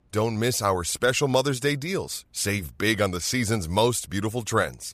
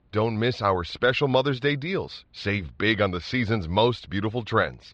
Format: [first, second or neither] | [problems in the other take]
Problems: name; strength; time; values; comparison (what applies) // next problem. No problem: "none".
first | muffled; slightly; fading above 4 kHz